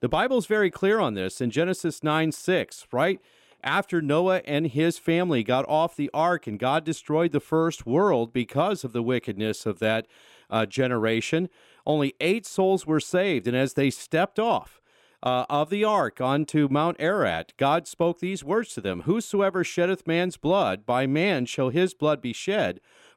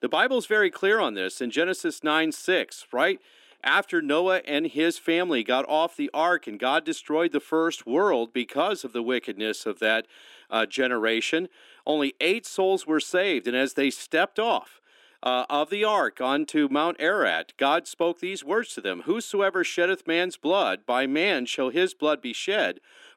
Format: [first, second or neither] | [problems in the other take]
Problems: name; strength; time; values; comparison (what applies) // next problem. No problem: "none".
first | thin; very slightly; fading below 250 Hz